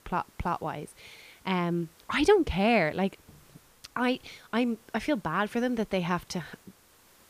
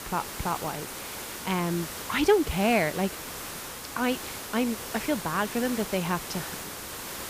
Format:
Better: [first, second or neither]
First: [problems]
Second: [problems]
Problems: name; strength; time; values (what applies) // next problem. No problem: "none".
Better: first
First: hiss; faint; throughout; 30 dB below the speech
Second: hiss; loud; throughout; 7 dB below the speech